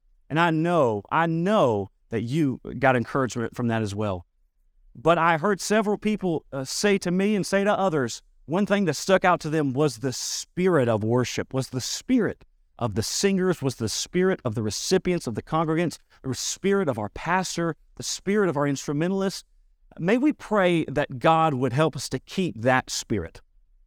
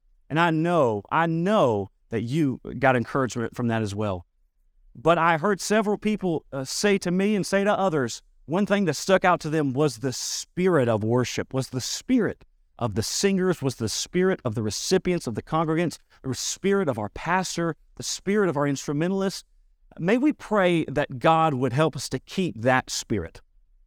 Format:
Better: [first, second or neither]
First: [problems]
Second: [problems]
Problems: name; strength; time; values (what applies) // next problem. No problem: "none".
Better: neither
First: none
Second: none